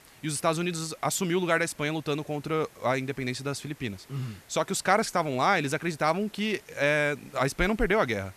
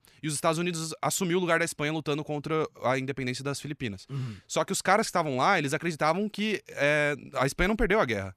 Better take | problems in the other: second | hiss; faint; throughout; 25 dB below the speech

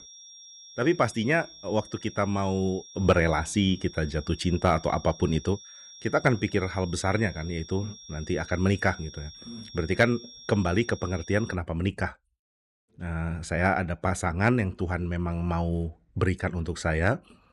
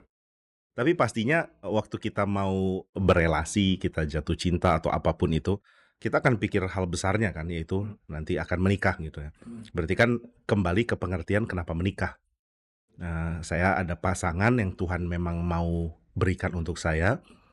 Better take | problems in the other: second | high-pitched whine; noticeable; until 12 s; 5.5 kHz, 15 dB below the speech

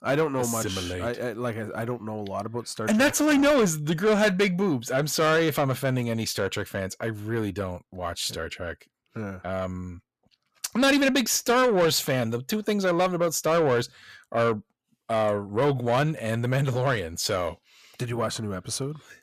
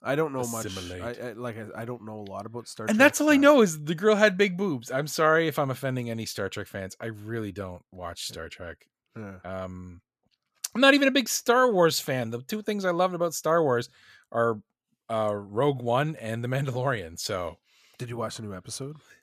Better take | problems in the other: second | distortion; heavy; 7 dB below the speech

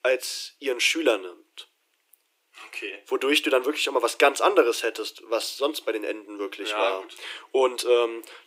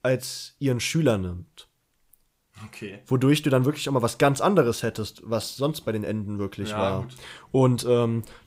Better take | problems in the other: second | thin; very; fading below 300 Hz

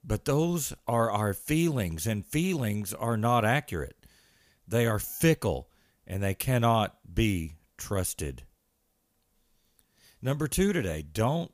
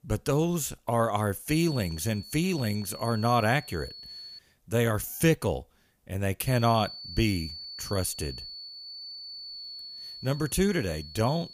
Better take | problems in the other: first | high-pitched whine; noticeable; from 1.5 to 4.5 s and from 6.5 s on; 4.5 kHz, 10 dB below the speech

